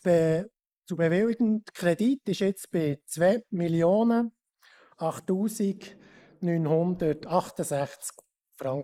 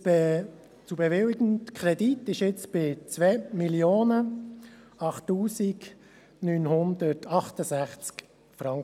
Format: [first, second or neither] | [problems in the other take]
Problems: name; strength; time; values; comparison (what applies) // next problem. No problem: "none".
second | noise reduction (neural mask model Resemble Enhance denoiser)